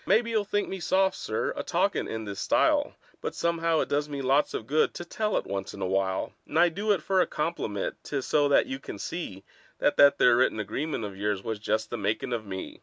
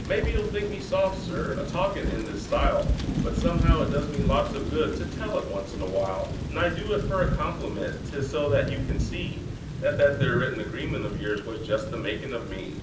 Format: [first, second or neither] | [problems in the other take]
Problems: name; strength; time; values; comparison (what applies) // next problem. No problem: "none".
first | background sound (Thunder / Rain); 1 dB below the speech // room echo; dies away in 0.6 s